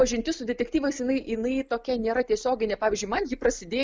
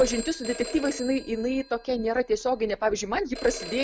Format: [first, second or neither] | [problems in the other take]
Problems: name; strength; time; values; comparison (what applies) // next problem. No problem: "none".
first | background sound (Telephone); 14 dB below the speech